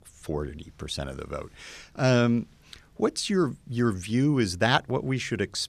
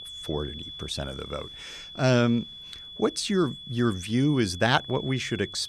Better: first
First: none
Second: high-pitched whine; noticeable; throughout; 3.5 kHz, 15 dB below the speech

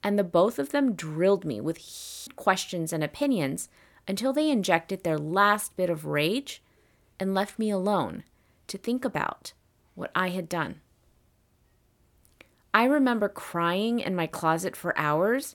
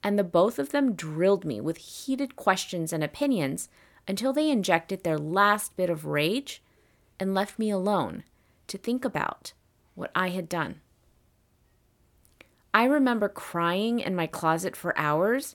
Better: second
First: audio freezing; at 2 s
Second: none

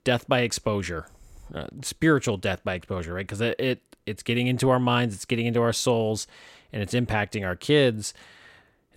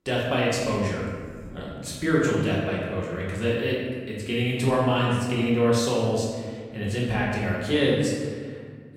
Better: first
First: none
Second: room echo; noticeable; dies away in 1.6 s // off-mic speech; far

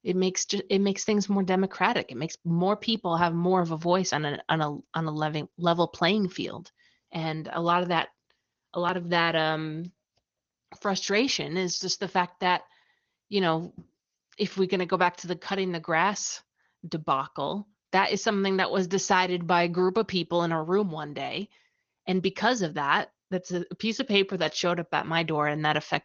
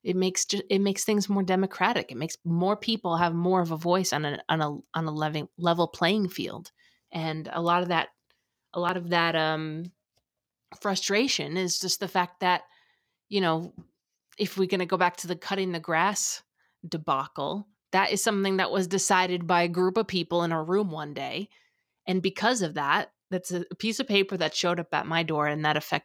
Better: second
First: garbled, watery; slightly; nothing above 6.5 kHz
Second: none

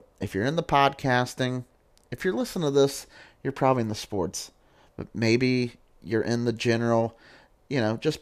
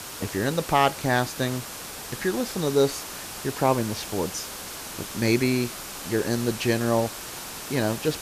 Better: first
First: none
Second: hiss; loud; throughout; 9 dB below the speech

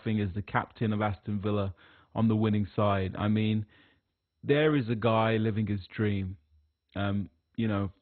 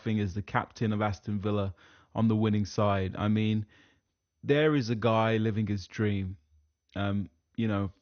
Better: second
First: garbled, watery; badly; nothing above 4 kHz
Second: garbled, watery; slightly; nothing above 6.5 kHz

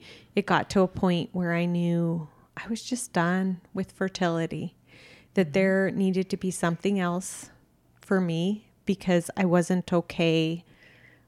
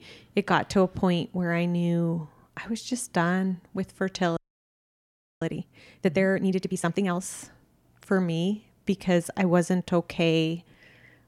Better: first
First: none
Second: audio freezing; at 4.5 s for 1 s

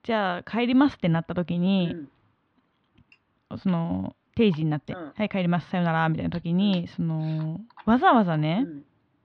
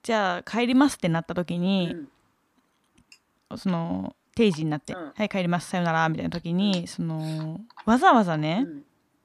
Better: second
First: muffled; slightly; fading above 3.5 kHz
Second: none

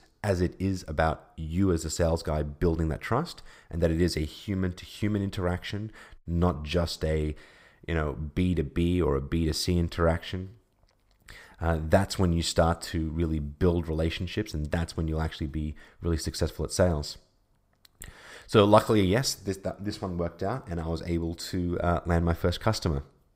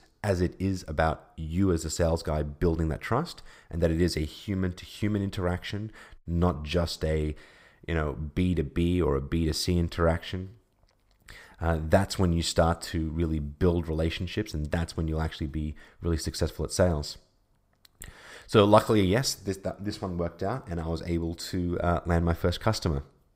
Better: neither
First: none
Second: none

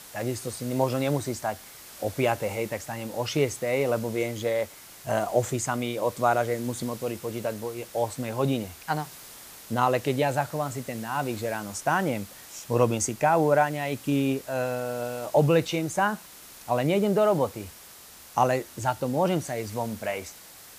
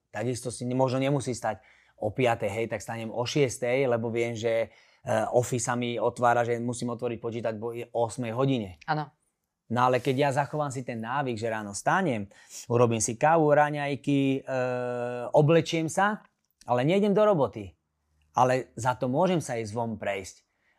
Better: second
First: hiss; noticeable; throughout; 15 dB below the speech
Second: none

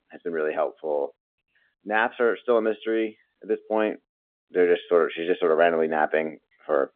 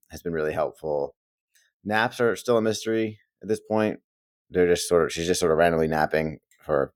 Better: second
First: phone-call audio; nothing above 3.5 kHz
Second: none

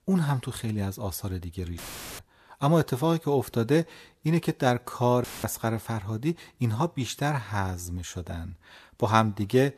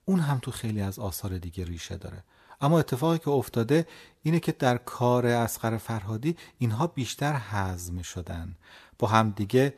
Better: second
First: audio cutting out; filled with static; at 2 s and at 5 s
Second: none

